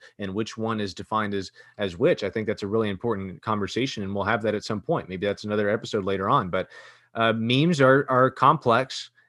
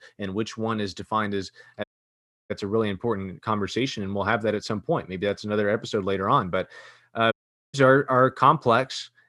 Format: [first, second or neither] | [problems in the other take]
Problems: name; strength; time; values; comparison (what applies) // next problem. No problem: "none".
first | audio cutting out; at 2 s for 0.5 s and at 7.5 s